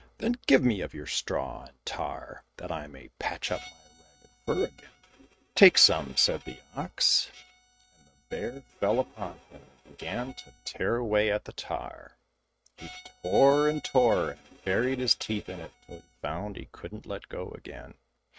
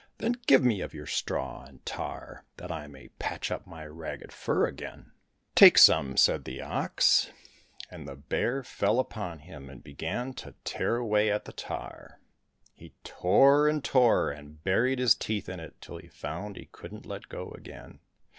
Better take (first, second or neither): second